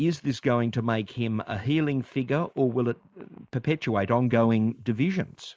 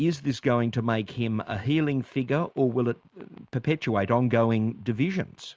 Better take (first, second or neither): second